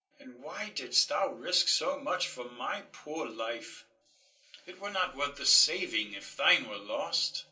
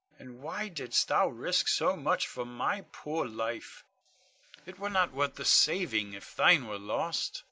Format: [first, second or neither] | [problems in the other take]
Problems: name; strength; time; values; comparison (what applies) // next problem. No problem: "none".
second | room echo; dies away in 0.3 s